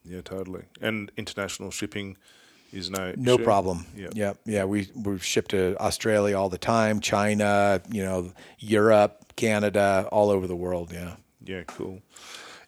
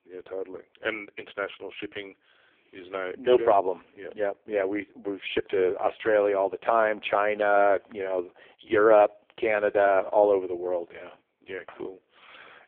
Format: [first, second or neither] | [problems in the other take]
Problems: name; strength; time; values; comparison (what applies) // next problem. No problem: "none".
first | phone-call audio; poor line; nothing above 3.5 kHz